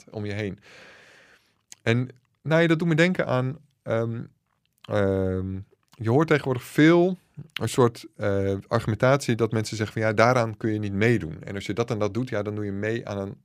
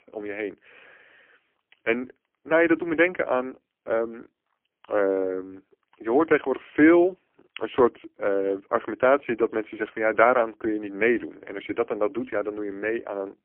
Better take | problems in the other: first | phone-call audio; poor line; nothing above 3 kHz

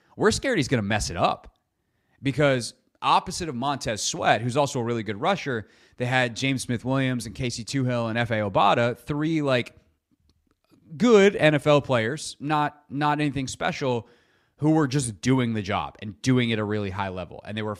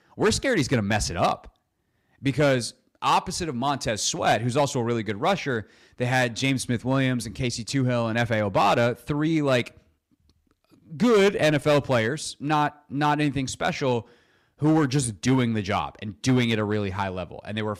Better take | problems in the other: first | distortion; slight; 4% of the sound clipped

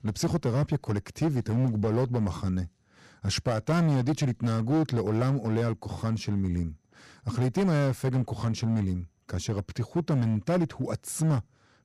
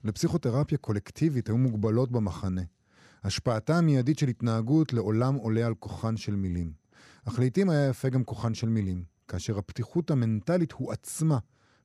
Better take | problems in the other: second | distortion; slight; 9% of the sound clipped

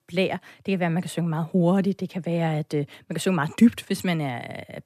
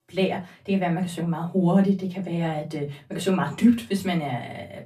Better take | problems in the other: first | off-mic speech; far // room echo; very slight; dies away in 0.2 s

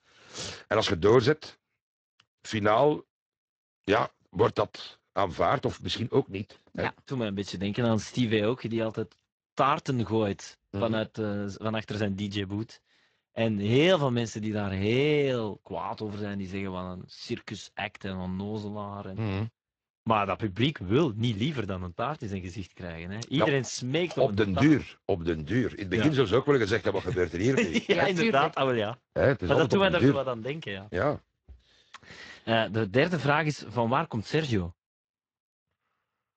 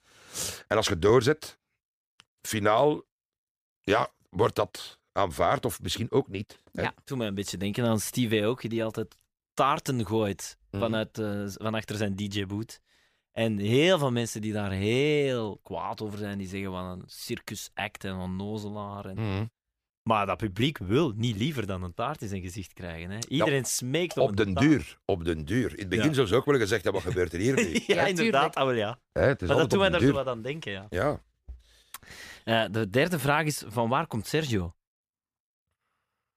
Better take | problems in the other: second | garbled, watery; slightly; nothing above 7.5 kHz

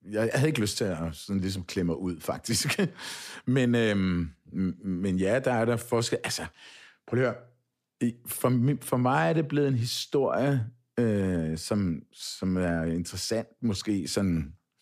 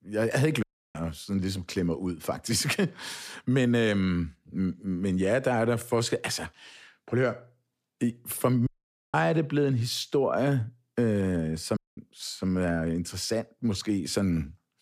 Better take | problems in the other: first | audio cutting out; at 0.5 s, at 8.5 s and at 12 s

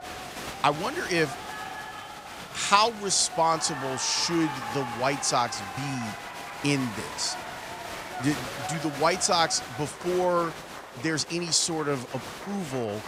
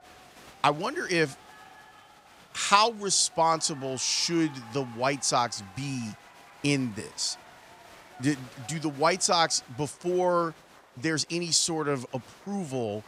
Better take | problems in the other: second | crowd noise; loud; throughout; 10 dB below the speech; faint in the second

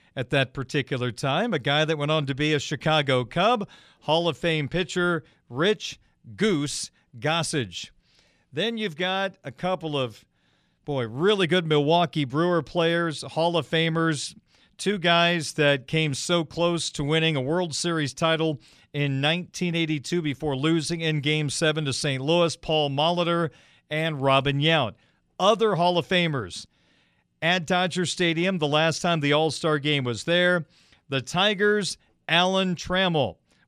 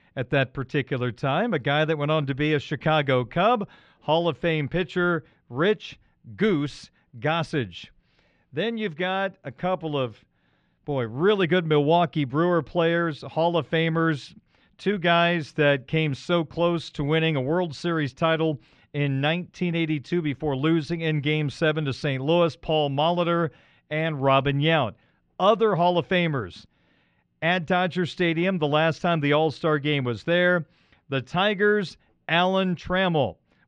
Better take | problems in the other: first | muffled; slightly; fading above 2.5 kHz

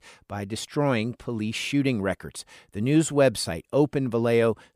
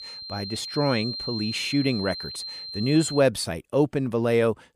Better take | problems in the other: first | high-pitched whine; loud; until 3 s; 4 kHz, 7 dB below the speech

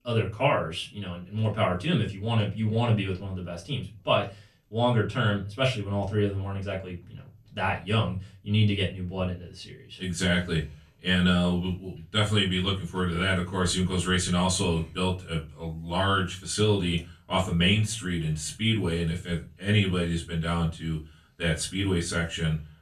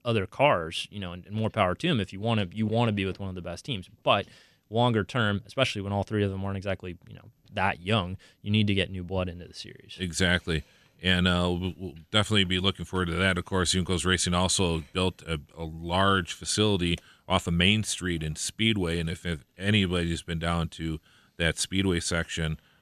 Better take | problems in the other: second | off-mic speech; far // room echo; very slight; dies away in 0.2 s

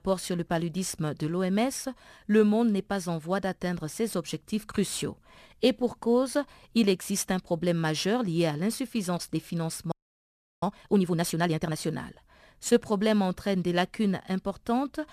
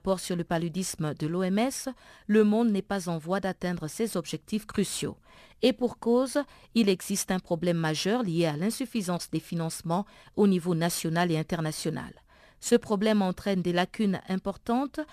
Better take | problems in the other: second | audio freezing; at 10 s for 0.5 s

